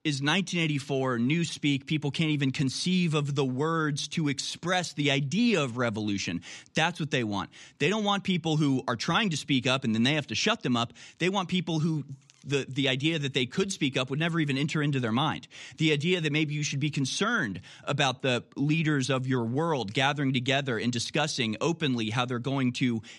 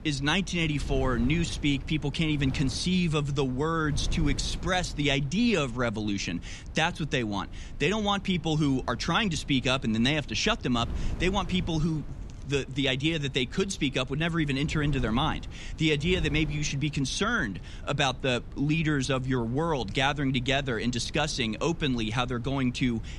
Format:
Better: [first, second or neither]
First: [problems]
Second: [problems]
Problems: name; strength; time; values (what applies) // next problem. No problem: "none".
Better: first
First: none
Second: wind noise on the microphone; occasional gusts; 20 dB below the speech